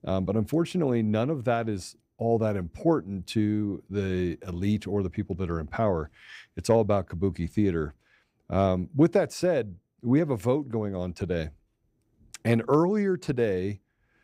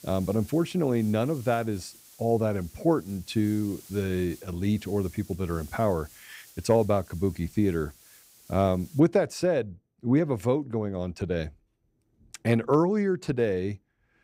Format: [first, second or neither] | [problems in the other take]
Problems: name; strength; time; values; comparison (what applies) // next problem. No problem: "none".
first | hiss; faint; until 9 s; 25 dB below the speech